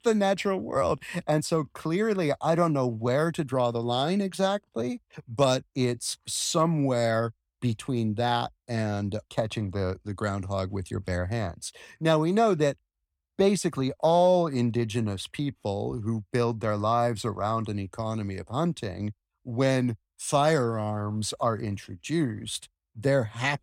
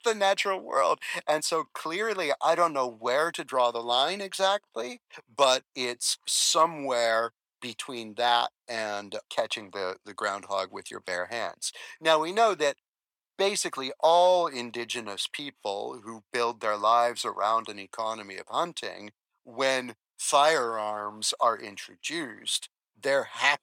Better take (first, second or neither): first